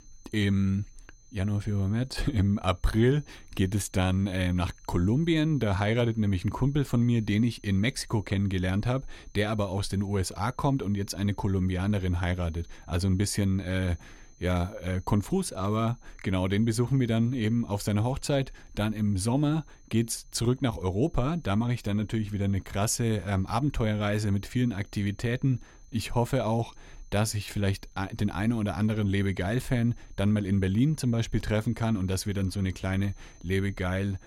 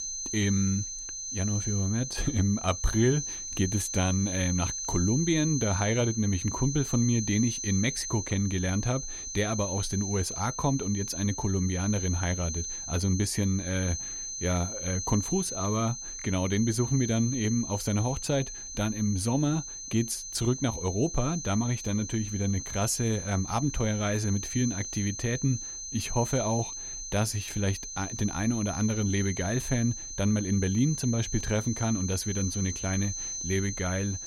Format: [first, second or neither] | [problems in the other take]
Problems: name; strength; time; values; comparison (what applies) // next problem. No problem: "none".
first | high-pitched whine; loud; throughout; 6 kHz, 5 dB below the speech; faint in the first